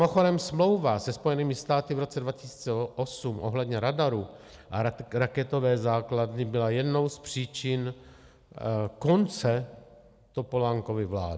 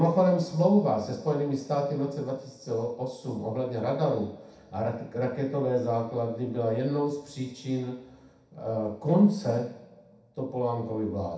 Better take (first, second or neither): first